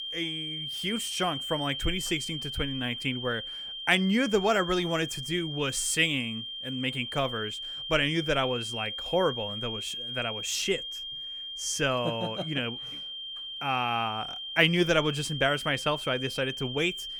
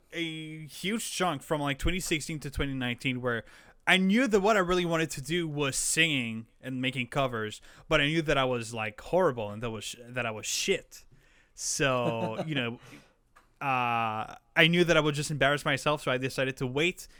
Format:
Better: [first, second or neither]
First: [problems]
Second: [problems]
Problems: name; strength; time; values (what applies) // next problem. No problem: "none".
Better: second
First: high-pitched whine; loud; throughout; 3 kHz, 6 dB below the speech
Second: none